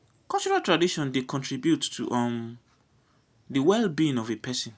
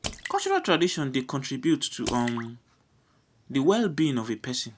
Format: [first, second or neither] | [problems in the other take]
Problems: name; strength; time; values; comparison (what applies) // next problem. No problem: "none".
first | background sound (Drip / Splash, splatter); 15 dB below the speech